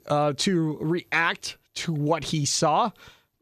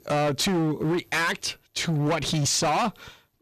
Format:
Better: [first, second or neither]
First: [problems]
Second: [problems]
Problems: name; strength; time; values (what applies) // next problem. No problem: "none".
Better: first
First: none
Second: distortion; heavy; 22% of the sound clipped